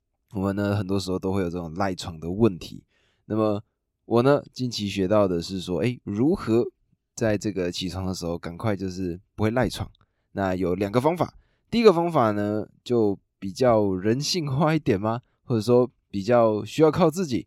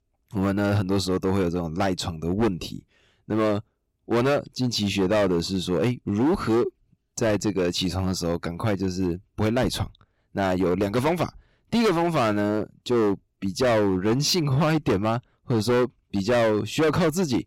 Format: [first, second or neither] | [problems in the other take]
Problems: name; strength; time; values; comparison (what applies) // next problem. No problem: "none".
first | distortion; heavy; 14% of the sound clipped